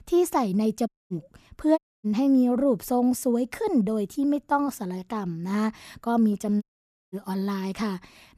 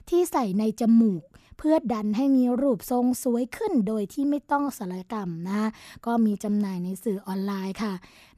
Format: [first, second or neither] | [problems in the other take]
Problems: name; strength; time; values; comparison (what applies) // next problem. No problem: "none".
second | audio cutting out; at 1 s, at 2 s and at 6.5 s for 0.5 s